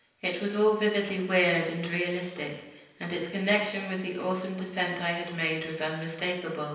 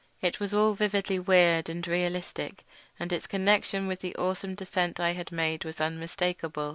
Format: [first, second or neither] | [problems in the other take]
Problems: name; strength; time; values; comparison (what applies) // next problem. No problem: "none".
second | room echo; dies away in 0.9 s